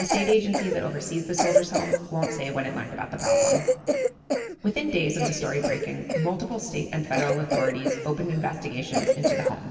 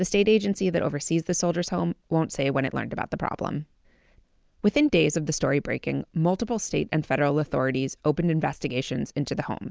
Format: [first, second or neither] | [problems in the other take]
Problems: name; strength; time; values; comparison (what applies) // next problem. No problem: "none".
second | background sound (Cough); as loud as the speech // room echo; dies away in 2.9 s